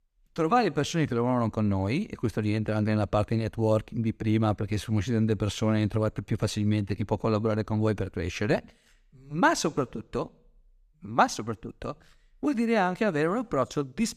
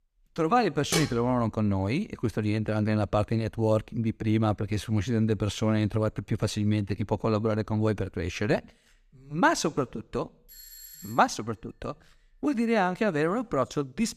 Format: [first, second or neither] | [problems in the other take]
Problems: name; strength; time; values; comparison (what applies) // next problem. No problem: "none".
first | clattering dishes; noticeable; at 1 s; peak 2 dB below the speech // doorbell; faint; at 10 s; peak 15 dB below the speech